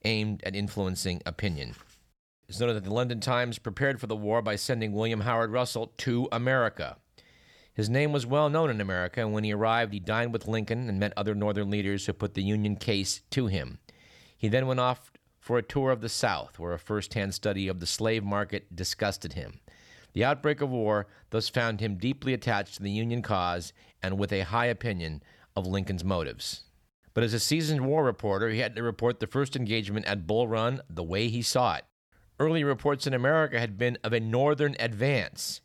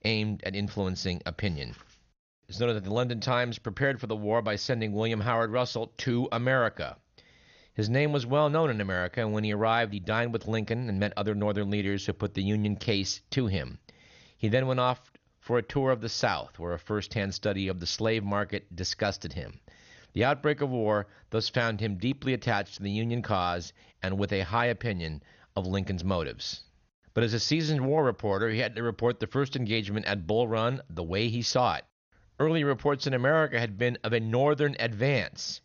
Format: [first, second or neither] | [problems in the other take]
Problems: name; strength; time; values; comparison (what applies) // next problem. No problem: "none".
first | garbled, watery; slightly; nothing above 6.5 kHz